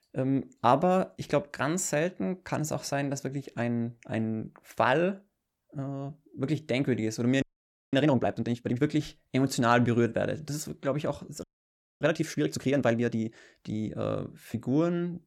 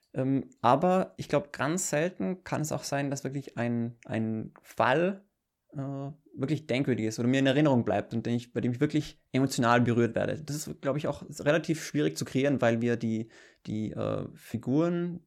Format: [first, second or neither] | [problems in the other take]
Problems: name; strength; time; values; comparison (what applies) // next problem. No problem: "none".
second | audio freezing; at 7.5 s for 0.5 s and at 11 s for 0.5 s